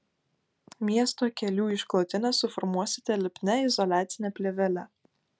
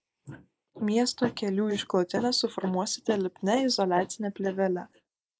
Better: first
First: none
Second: noise reduction (neural mask model Resemble Enhance denoiser)

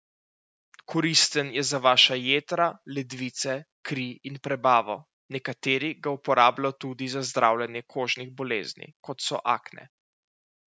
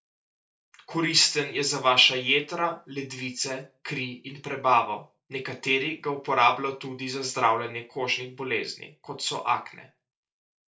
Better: first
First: none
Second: room echo; dies away in 0.2 s

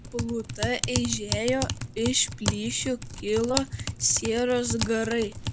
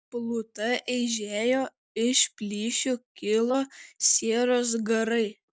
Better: second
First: background sound (Typing); 5 dB below the speech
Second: none

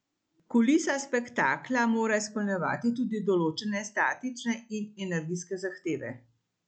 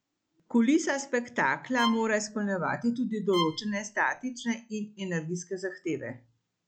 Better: first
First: none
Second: background sound (Bowed string instrument); 9 dB below the speech

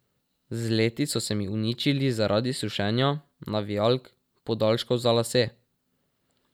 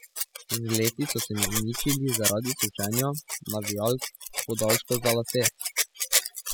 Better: first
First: none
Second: noise reduction (classical method spectral subtraction)

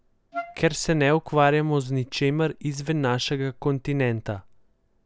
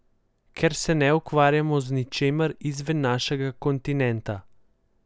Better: second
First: background sound (Wind instrument, woodwind instrument); 12 dB below the speech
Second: none

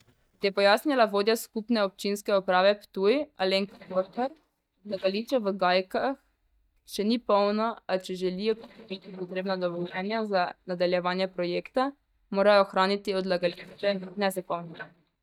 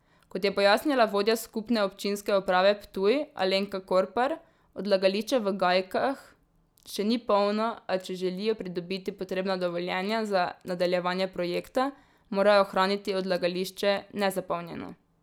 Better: second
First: noise reduction (neural mask model DeepFilterNet 3)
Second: none

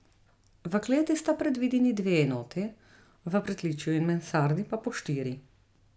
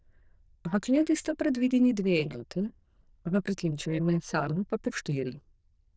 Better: first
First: none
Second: noise reduction (neural diffusion model UNIVERSE++)

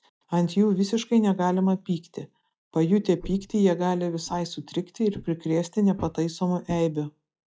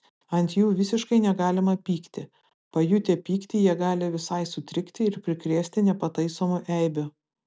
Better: second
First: noise reduction (classical method log-MMSE)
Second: none

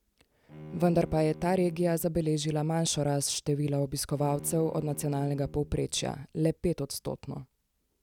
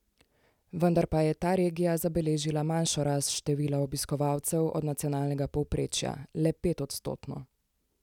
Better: second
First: background sound (Bowed string instrument); 18 dB below the speech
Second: none

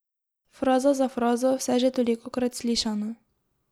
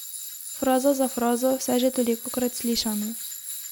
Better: first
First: none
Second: background sound (Tools); 10 dB below the speech

